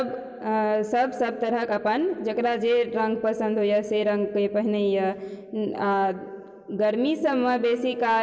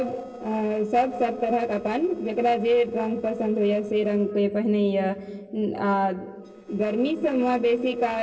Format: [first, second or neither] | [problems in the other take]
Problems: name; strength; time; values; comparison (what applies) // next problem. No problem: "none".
first | noise reduction (neural separator model SepFormer DNS4)